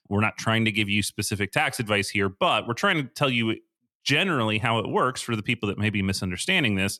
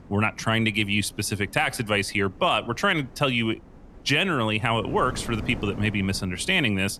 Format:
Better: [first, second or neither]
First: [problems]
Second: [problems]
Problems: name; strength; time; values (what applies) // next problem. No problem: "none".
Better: first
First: none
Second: wind noise on the microphone; occasional gusts; 25 dB below the speech